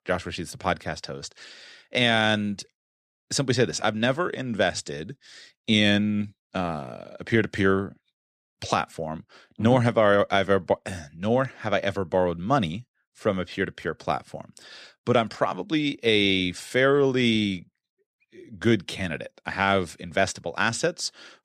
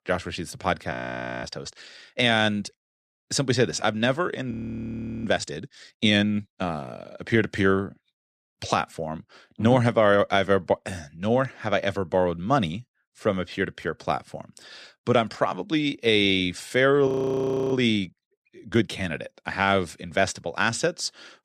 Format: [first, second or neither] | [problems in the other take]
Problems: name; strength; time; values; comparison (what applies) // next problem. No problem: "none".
first | audio freezing; at 1 s for 0.5 s, at 4.5 s for 0.5 s and at 17 s for 0.5 s